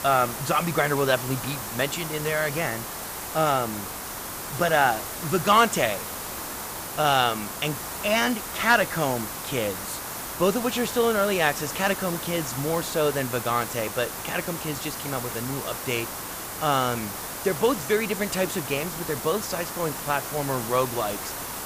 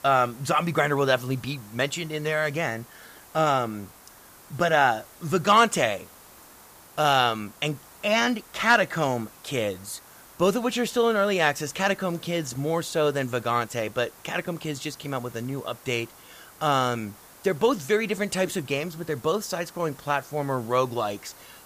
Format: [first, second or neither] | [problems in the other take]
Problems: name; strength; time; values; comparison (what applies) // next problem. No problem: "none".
second | hiss; loud; throughout; 6 dB below the speech; faint in the second